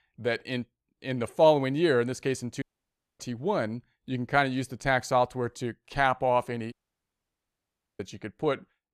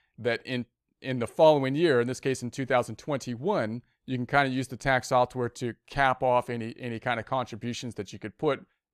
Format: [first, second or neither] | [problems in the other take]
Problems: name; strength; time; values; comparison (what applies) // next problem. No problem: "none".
second | audio cutting out; at 2.5 s for 0.5 s and at 6.5 s for 1.5 s